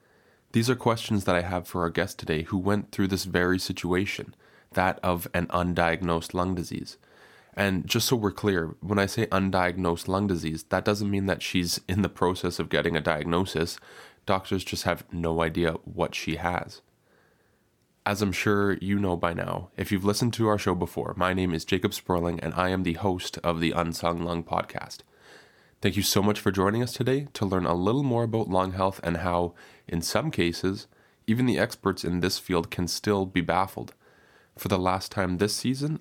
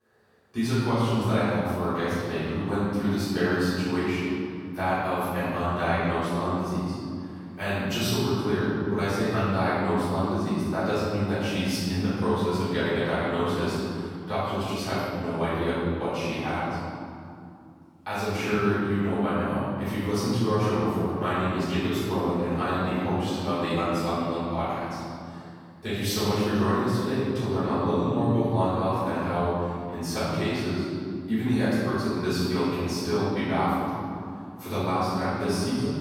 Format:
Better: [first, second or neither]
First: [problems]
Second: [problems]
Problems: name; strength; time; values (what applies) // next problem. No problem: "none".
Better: first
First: none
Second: off-mic speech; far // room echo; strong; dies away in 2.4 s